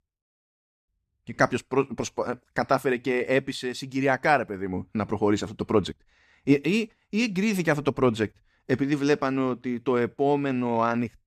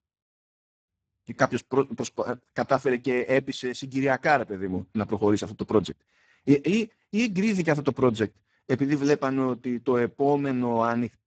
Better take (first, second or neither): first